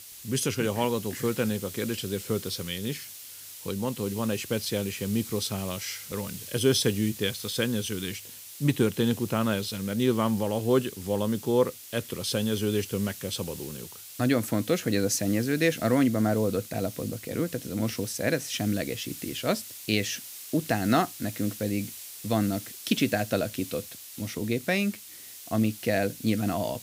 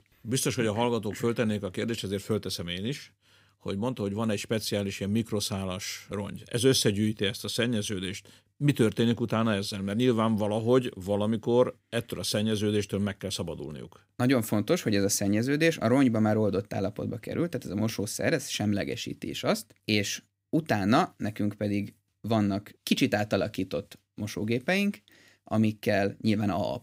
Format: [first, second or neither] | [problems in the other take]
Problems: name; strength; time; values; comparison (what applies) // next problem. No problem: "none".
second | hiss; noticeable; throughout; 10 dB below the speech